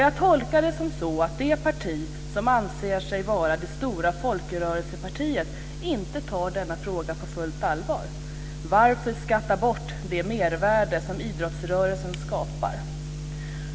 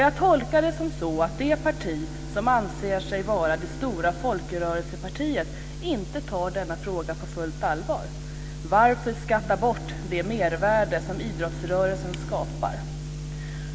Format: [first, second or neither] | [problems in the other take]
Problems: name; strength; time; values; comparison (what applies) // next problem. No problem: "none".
first | background sound (Bowed string instrument); 19 dB below the speech